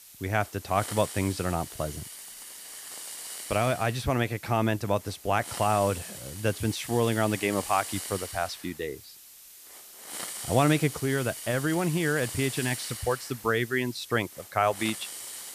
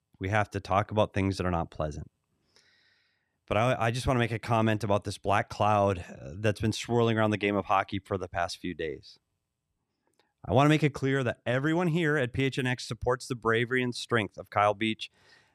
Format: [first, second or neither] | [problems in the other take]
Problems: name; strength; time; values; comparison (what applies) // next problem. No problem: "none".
second | hiss; loud; throughout; 10 dB below the speech